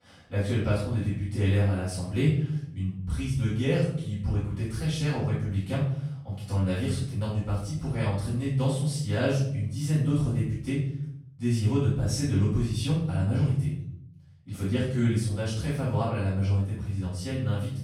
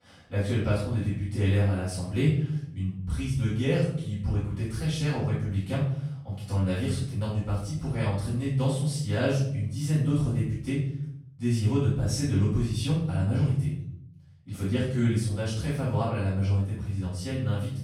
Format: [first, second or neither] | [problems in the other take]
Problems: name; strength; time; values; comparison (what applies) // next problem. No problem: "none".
neither | room echo; noticeable; dies away in 0.7 s; the same in both // off-mic speech; far; the same in both